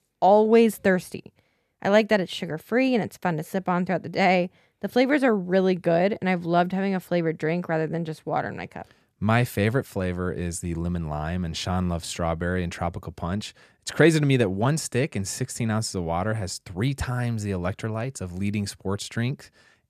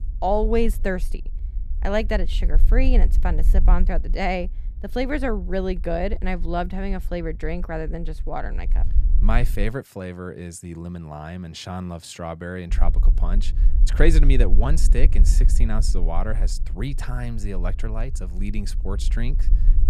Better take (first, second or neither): first